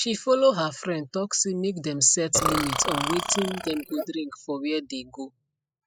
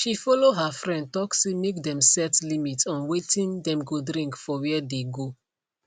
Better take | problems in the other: second | noise reduction (classical method spectral subtraction)

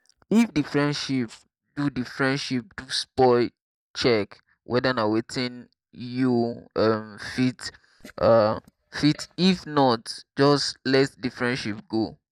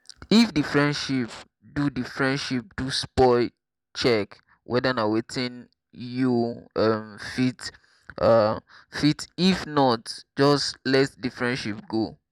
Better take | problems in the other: second | noise reduction (neural mask model DeepFilterNet 3)

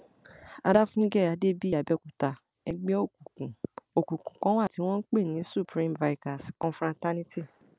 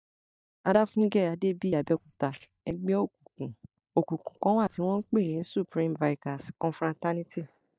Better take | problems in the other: first | noise reduction (neural mask model DeepFilterNet 3)

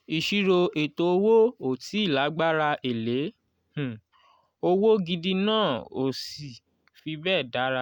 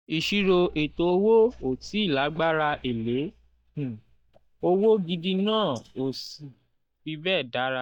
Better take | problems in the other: first | noise reduction (neural mask model DeepFilterNet 3)

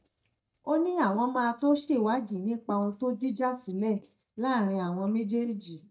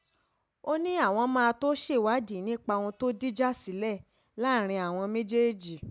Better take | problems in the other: second | noise reduction (neural mask model DeepFilterNet 3)

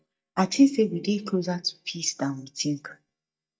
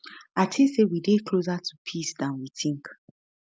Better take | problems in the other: second | noise reduction (neural mask model DeepFilterNet 3)

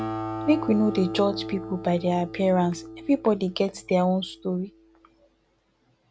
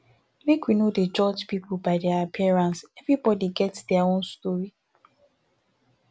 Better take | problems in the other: second | background sound (Acoustic guitar); 11 dB below the speech

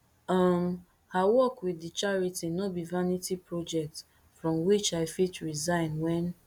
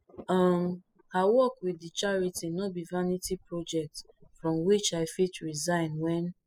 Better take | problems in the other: first | noise reduction (classical method spectral subtraction)

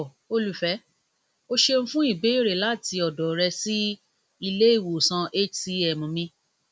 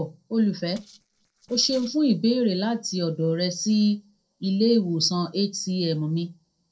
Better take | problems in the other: first | noise reduction (neural separator model SepFormer DNS4)

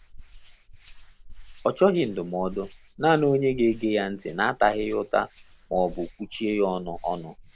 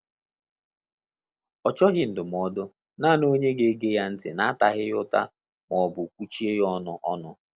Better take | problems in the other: second | background sound (Hands); 18 dB below the speech

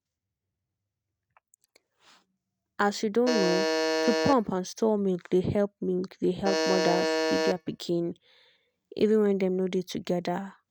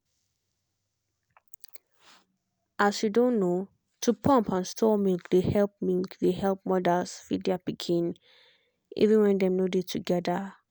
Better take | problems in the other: second | noise reduction (neural mask model RNNoise)

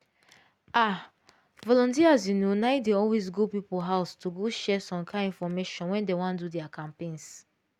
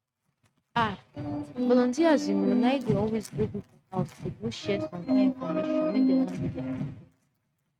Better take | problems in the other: first | noise reduction (neural mask model RNNoise)

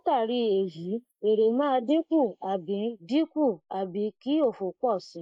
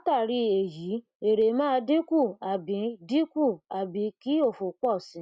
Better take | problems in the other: second | noise reduction (neural mask model Resemble Enhance denoiser)

